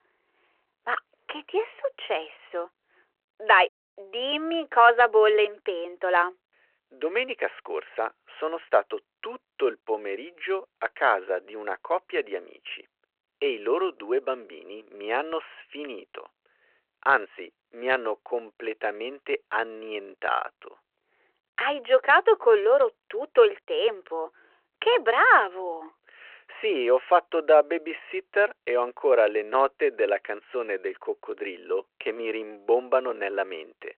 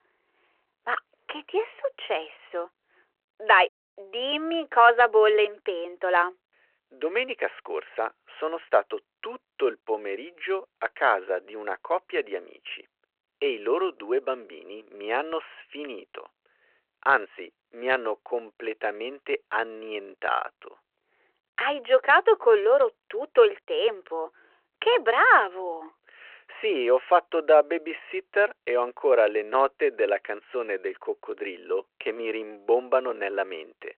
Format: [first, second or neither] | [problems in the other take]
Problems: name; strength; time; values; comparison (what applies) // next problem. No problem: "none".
neither | phone-call audio; the same in both